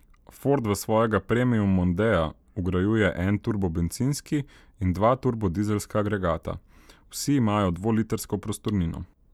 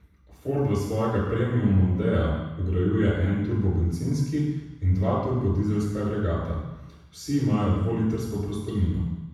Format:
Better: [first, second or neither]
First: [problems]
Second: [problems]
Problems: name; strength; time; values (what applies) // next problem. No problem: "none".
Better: first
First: none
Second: room echo; dies away in 1.1 s